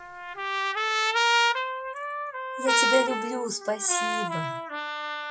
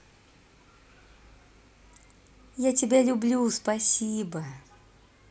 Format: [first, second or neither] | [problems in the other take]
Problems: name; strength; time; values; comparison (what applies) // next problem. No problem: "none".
second | noise reduction (classical method WPE with log-MMSE)